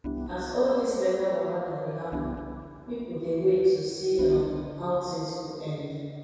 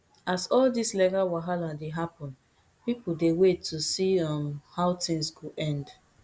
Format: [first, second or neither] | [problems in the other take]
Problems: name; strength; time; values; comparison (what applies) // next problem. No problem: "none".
second | background sound (Organ); 13 dB below the speech // room echo; dies away in 2.2 s